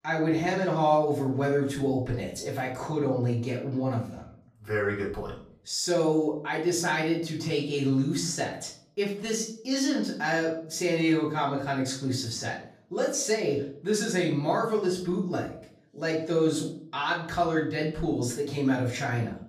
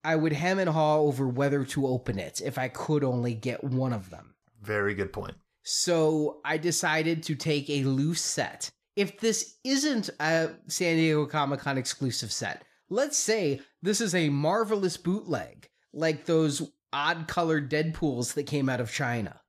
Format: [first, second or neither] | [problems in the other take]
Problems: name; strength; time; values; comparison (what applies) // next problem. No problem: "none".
second | off-mic speech; far // room echo; slight; dies away in 0.4 s